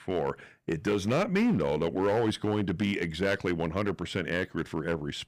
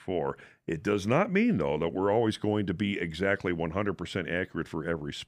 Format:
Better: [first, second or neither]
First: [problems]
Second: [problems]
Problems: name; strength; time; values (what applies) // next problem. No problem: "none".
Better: second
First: distortion; slight; 7% of the sound clipped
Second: none